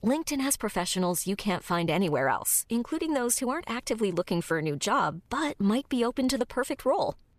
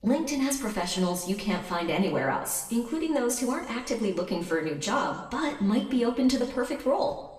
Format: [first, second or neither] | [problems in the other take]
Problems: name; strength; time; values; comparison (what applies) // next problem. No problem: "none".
first | room echo; slight; dies away in 1 s // off-mic speech; far